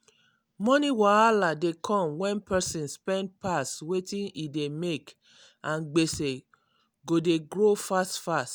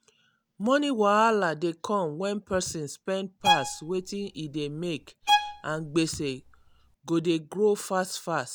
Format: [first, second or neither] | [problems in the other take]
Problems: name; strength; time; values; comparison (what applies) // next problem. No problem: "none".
first | background sound (Bowed string instrument); 2 dB below the speech